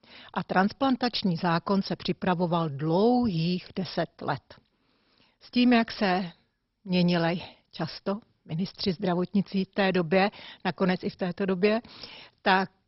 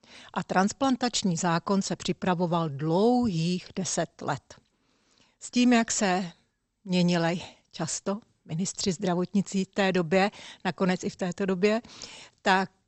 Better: second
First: garbled, watery; badly; nothing above 5.5 kHz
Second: garbled, watery; slightly; nothing above 8 kHz

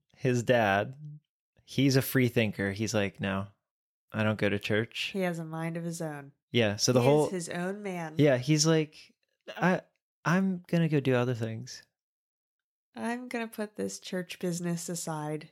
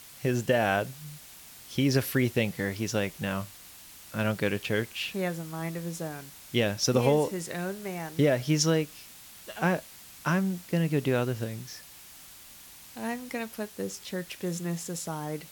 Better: first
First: none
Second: hiss; noticeable; throughout; 15 dB below the speech

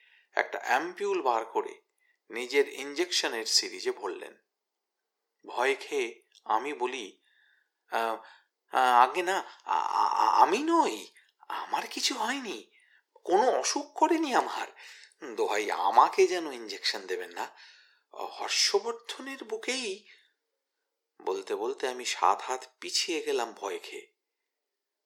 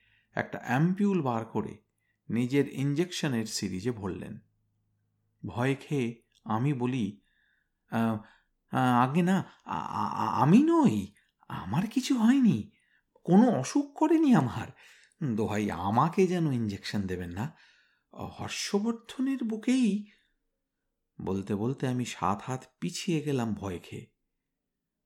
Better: second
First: thin; very; fading below 400 Hz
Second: none

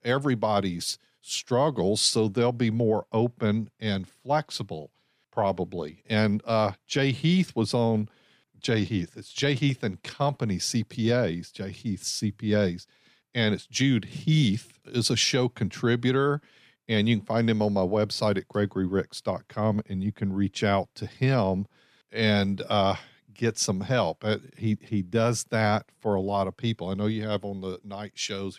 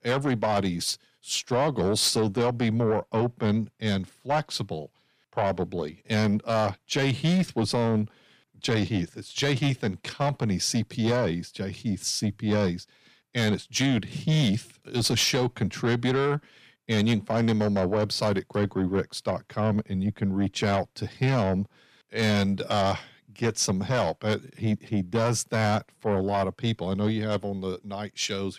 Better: first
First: none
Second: distortion; slight; 10 dB below the speech

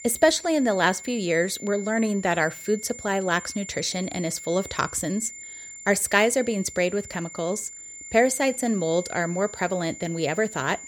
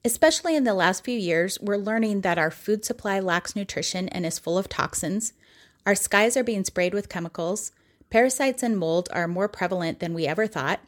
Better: second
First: high-pitched whine; noticeable; throughout; 7 kHz, 15 dB below the speech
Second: none

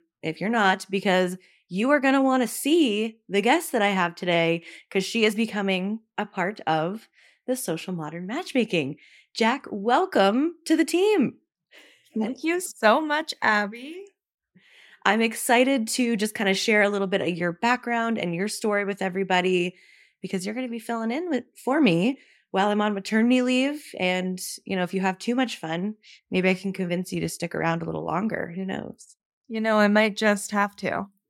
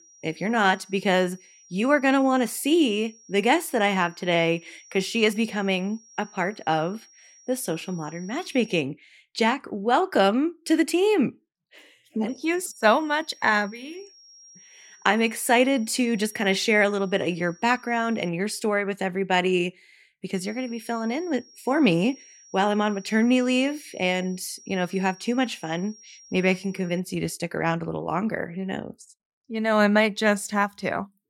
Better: first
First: none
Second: high-pitched whine; faint; until 9 s, from 12 to 18 s and from 20 to 27 s; 5.5 kHz, 25 dB below the speech

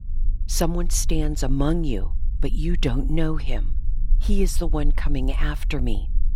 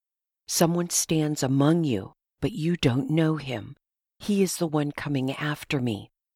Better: second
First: low rumble; faint; throughout; 20 dB below the speech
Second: none

